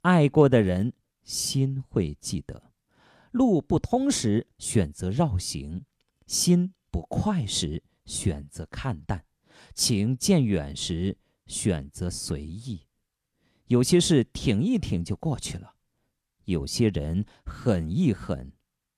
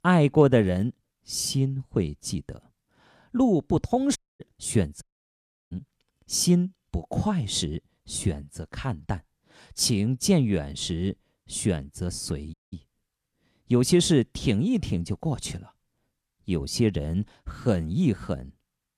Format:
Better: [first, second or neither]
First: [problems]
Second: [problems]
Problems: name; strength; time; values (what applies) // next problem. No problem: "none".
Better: first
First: none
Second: audio cutting out; at 4 s, at 5 s for 0.5 s and at 13 s